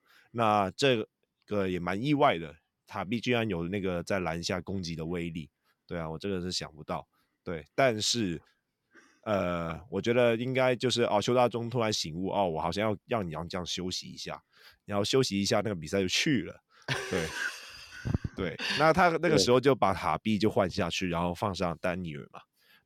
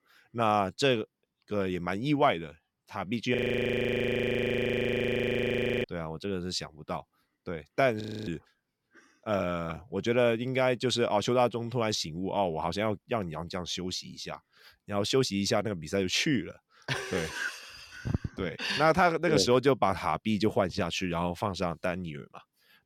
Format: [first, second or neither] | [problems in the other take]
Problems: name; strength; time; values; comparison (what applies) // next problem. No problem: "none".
first | audio freezing; at 3.5 s for 2.5 s and at 8 s